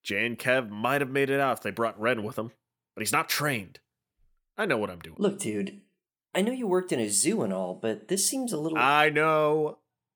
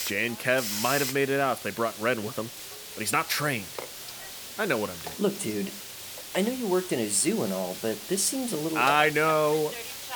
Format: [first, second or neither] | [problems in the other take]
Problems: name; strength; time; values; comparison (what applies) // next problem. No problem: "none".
first | hiss; loud; throughout; 9 dB below the speech